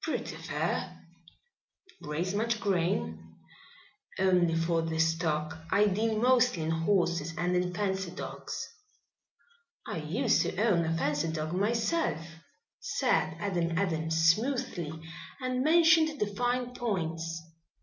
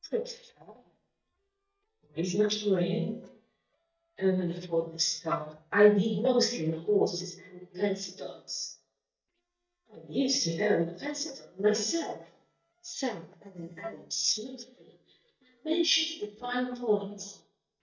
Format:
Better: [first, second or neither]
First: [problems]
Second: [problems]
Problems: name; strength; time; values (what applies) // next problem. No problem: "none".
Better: first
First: none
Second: noise reduction (neural mask model DeepFilterNet 3)